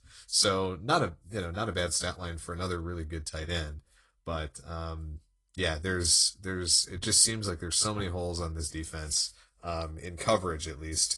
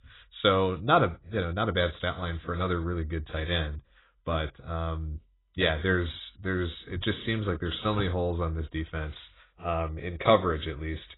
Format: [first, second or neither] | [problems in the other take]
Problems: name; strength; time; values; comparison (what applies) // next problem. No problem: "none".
first | garbled, watery; badly; nothing above 4 kHz; slightly in the first